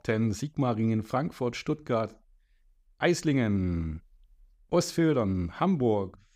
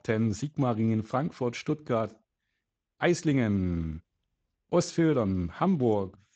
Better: first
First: none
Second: garbled, watery; slightly; nothing above 7.5 kHz

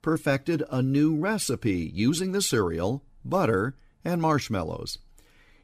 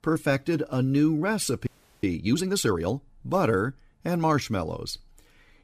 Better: first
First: none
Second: audio freezing; at 1.5 s

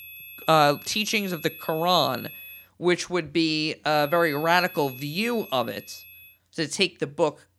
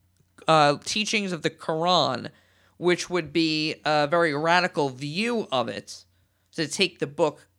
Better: second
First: high-pitched whine; noticeable; until 2.5 s and from 4 to 6.5 s; 2.5 kHz, 15 dB below the speech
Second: none

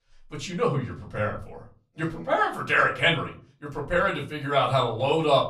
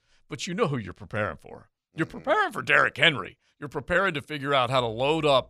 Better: second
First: off-mic speech; far // room echo; very slight; dies away in 0.3 s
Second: none

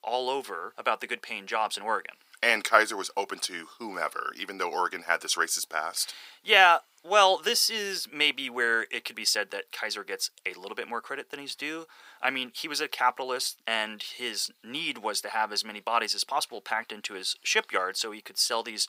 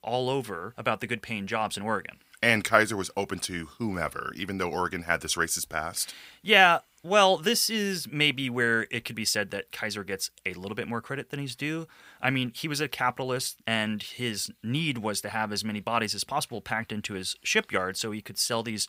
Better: second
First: thin; somewhat; fading below 350 Hz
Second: none

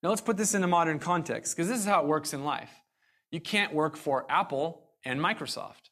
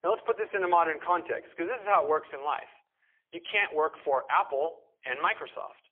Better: first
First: none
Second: phone-call audio; poor line; nothing above 3.5 kHz

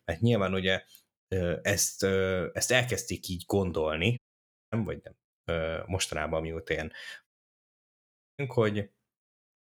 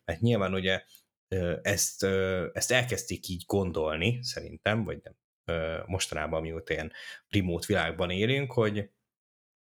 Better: second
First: audio cutting out; at 4 s for 0.5 s and at 7.5 s for 1 s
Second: none

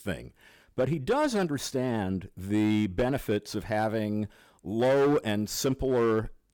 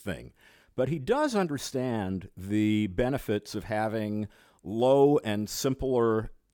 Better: second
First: distortion; slight; 6% of the sound clipped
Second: none

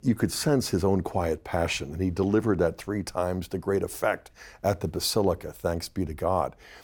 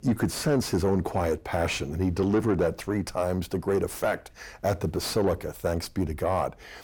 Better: first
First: none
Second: distortion; slight; 10 dB below the speech

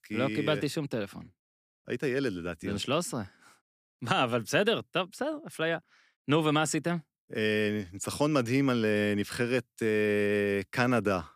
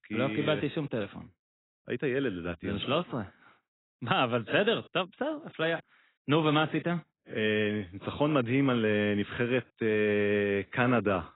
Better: first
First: none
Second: garbled, watery; badly; nothing above 3.5 kHz

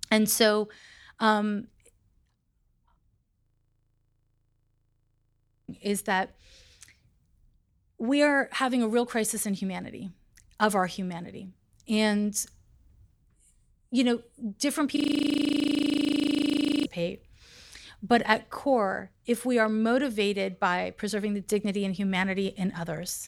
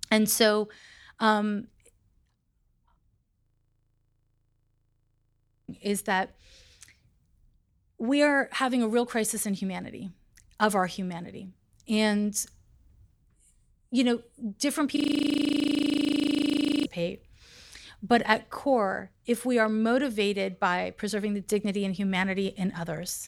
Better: neither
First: audio freezing; at 3.5 s for 2 s and at 15 s for 2 s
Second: audio freezing; at 3.5 s for 2 s and at 15 s for 2 s

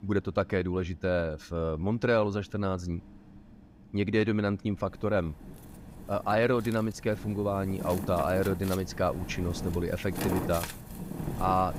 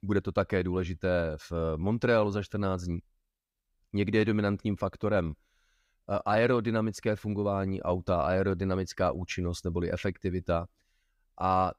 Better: second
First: wind in the background; loud; throughout; 9 dB below the speech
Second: none

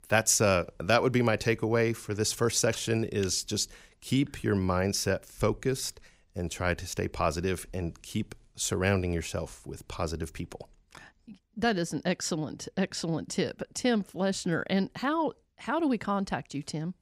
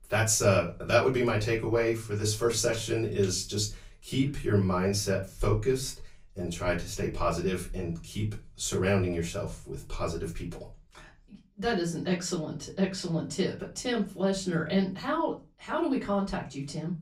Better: first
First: none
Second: off-mic speech; far // room echo; very slight; dies away in 0.3 s

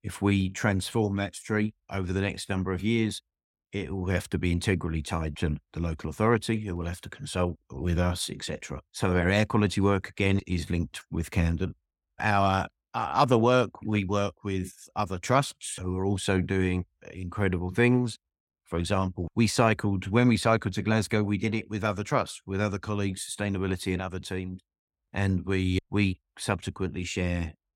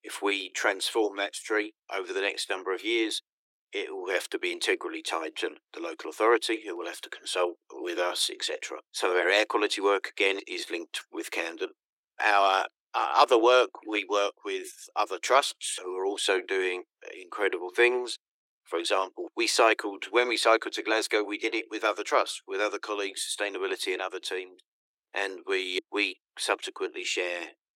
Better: first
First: none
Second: thin; very; fading below 350 Hz

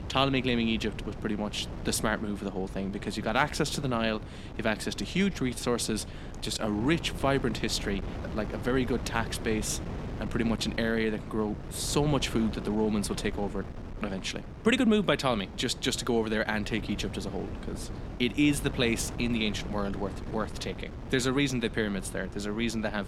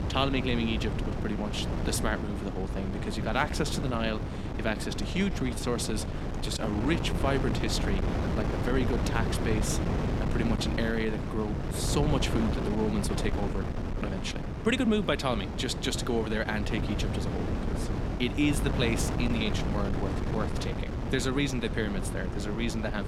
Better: first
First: wind noise on the microphone; occasional gusts; 15 dB below the speech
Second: wind noise on the microphone; heavy; 5 dB below the speech

